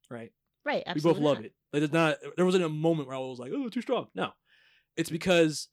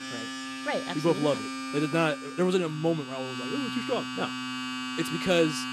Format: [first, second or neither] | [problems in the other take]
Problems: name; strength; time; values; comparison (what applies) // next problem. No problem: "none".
first | household noises; loud; throughout; 5 dB below the speech